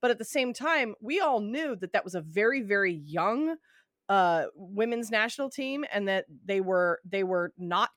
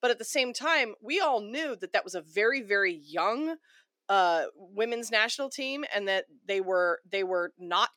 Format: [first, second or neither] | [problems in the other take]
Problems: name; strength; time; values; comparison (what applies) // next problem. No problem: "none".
first | thin; very slightly; fading below 300 Hz